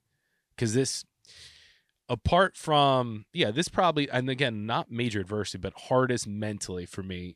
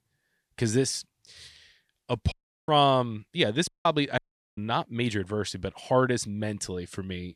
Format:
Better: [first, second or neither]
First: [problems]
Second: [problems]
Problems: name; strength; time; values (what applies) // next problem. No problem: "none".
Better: first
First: none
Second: audio cutting out; at 2.5 s, at 3.5 s and at 4 s